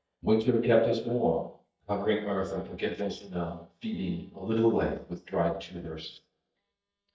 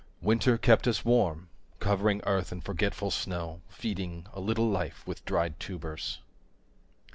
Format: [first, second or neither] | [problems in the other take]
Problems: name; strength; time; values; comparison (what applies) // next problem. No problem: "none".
second | noise reduction (neural mask model DeepFilterNet 3)